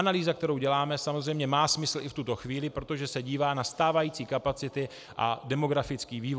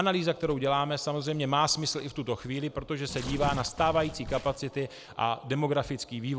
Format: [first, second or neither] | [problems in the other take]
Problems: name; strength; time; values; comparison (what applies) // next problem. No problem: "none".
first | background sound (Tearing); 14 dB below the speech